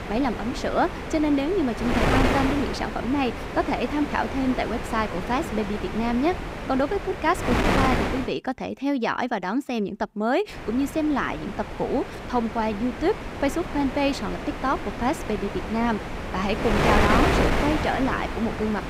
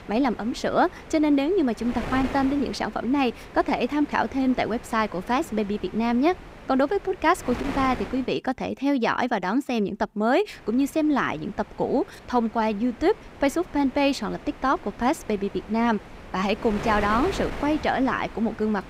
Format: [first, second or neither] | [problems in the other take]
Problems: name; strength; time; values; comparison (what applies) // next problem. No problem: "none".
second | wind noise on the microphone; heavy; until 8.5 s and from 11 s on; 2 dB below the speech; occasional gusts in the second